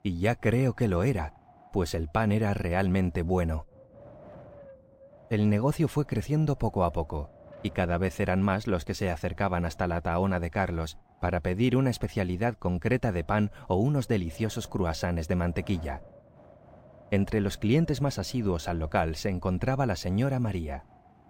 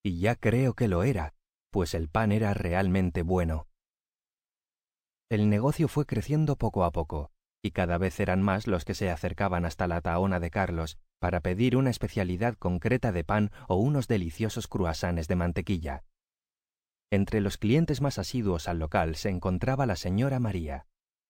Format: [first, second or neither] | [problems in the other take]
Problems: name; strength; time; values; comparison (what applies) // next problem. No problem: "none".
second | wind noise on the microphone; occasional gusts; 25 dB below the speech